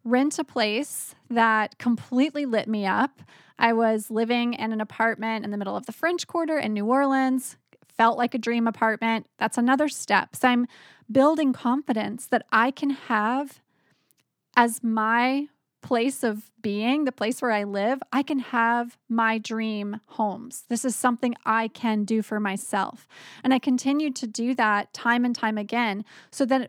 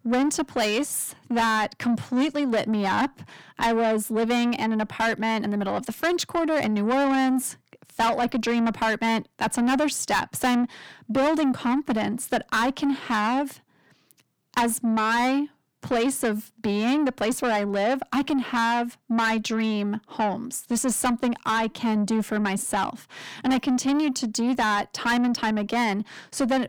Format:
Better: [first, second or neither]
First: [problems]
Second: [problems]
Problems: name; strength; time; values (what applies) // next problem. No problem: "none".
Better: first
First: none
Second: distortion; heavy; 8 dB below the speech